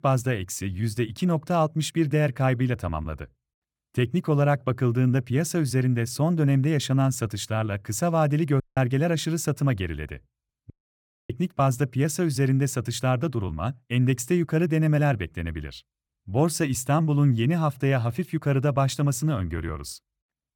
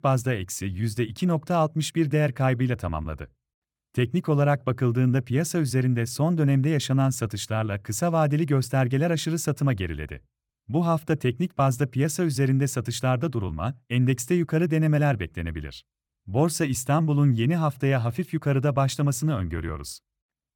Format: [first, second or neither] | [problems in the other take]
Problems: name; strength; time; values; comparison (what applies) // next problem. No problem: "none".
second | audio cutting out; at 8.5 s and at 11 s for 0.5 s